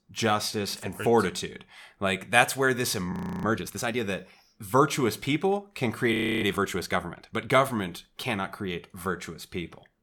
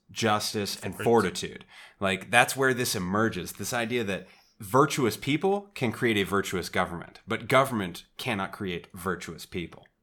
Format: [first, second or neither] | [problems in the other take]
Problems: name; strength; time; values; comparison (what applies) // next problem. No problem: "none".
second | audio freezing; at 3 s and at 6 s